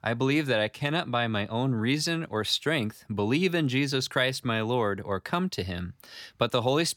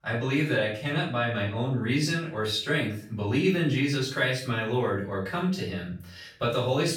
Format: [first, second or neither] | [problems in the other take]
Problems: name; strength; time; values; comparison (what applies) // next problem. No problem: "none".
first | off-mic speech; far // room echo; noticeable; dies away in 0.4 s